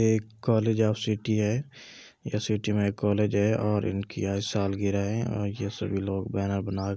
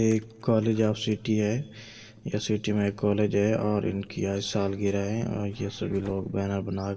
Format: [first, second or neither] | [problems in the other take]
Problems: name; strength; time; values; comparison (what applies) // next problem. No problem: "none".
first | noise reduction (neural separator model SepFormer DNS4)